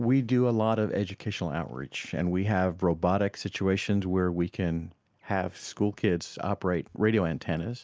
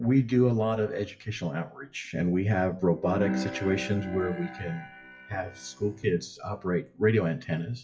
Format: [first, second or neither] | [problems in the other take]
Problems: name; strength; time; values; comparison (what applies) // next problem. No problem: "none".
first | noise reduction (classical method WPE with log-MMSE)